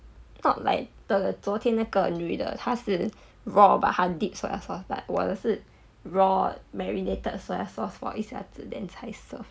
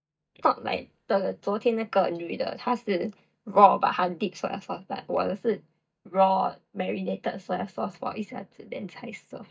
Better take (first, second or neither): first